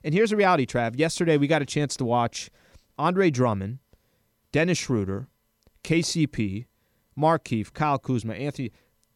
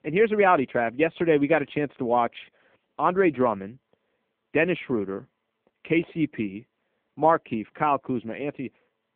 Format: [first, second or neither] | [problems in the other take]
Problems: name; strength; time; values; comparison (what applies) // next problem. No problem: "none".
first | phone-call audio; poor line